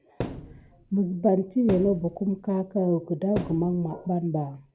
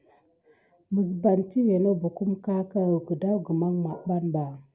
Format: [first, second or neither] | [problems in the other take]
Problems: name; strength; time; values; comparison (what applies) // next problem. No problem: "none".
second | background sound (Thump, thud); 13 dB below the speech